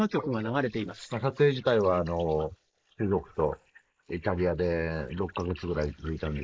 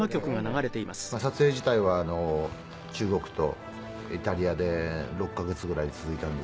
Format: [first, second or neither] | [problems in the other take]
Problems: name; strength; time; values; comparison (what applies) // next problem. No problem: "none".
second | noise reduction (neural mask model Resemble Enhance denoiser)